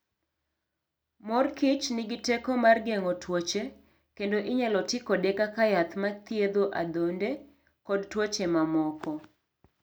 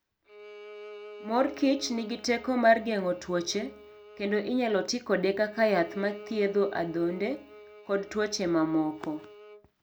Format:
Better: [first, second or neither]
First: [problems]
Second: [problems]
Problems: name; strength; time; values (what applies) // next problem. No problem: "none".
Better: first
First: none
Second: background sound (Bowed string instrument); 19 dB below the speech